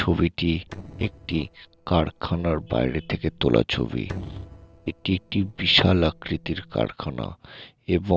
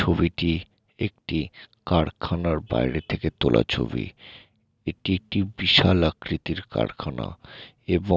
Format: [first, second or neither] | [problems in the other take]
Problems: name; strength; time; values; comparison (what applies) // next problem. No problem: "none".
second | noise reduction (neural separator model SepFormer DNS4)